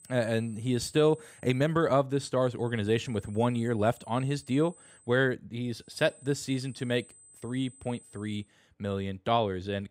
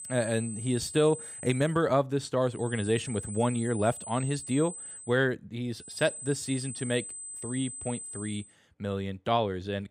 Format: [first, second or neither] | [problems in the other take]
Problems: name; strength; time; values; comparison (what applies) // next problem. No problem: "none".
first | high-pitched whine; loud; until 1.5 s, from 2.5 to 5 s and from 6 to 8.5 s; 8 kHz, 9 dB below the speech; faint in the first